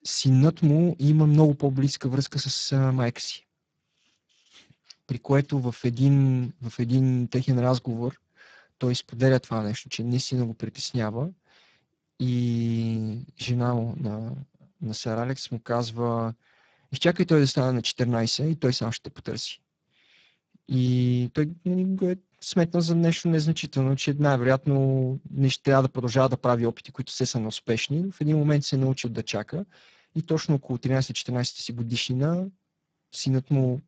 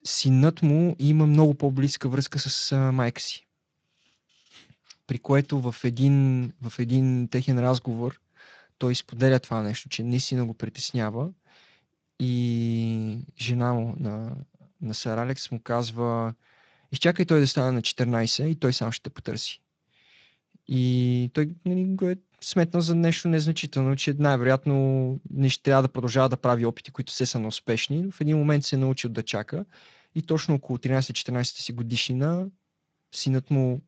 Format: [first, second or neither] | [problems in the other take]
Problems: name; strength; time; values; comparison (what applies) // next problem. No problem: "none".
second | garbled, watery; badly; nothing above 7.5 kHz; slightly in the second